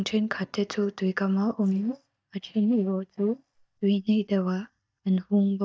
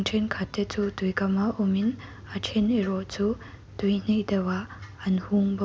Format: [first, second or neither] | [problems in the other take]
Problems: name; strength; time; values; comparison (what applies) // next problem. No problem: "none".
second | noise reduction (neural mask model DeepFilterNet 3)